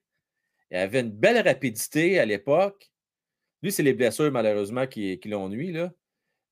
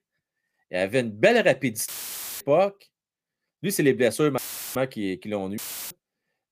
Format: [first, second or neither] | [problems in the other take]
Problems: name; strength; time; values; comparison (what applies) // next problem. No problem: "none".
first | audio cutting out; filled with static; at 2 s for 0.5 s, at 4.5 s and at 5.5 s